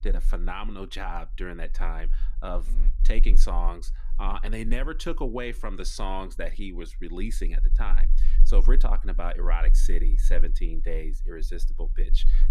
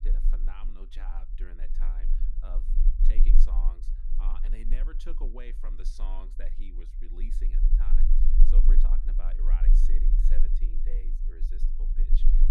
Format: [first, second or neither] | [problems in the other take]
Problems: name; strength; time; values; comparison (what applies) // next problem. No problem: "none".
first | low rumble; loud; throughout; 4 dB below the speech; faint in the first